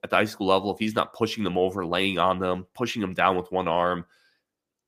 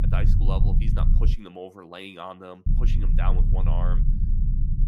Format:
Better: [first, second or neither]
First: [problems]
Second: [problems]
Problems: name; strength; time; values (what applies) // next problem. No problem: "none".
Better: first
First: none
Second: low rumble; loud; until 1.5 s and from 2.5 s on; 3 dB below the speech